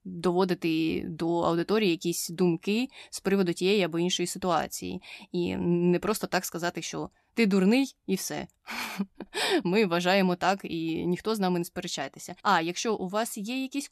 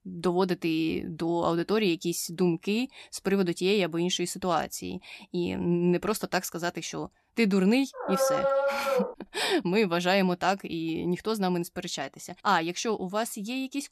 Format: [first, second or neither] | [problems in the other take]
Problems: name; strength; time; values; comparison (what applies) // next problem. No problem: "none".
first | dog barking; loud; from 8 to 9 s; peak 3 dB above the speech